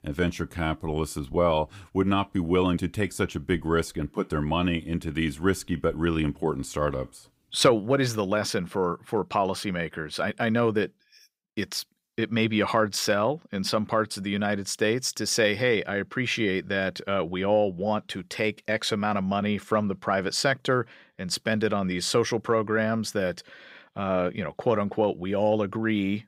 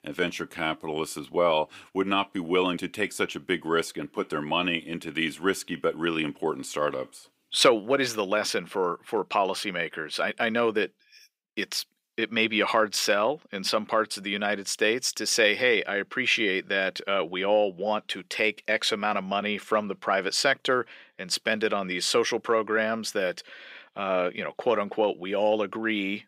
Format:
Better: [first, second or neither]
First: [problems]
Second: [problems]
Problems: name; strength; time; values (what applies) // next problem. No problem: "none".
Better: first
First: none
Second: thin; very slightly; fading below 300 Hz